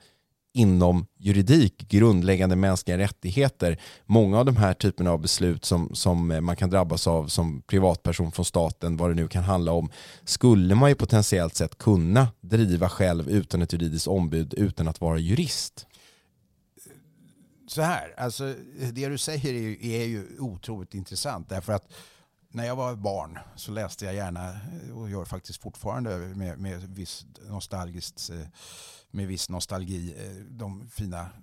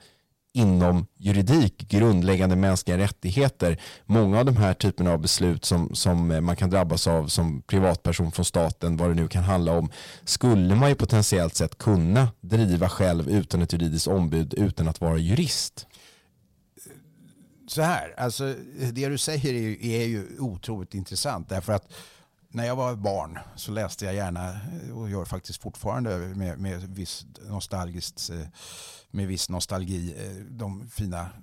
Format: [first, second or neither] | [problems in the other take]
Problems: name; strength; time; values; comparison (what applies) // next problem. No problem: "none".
first | distortion; slight; 10 dB below the speech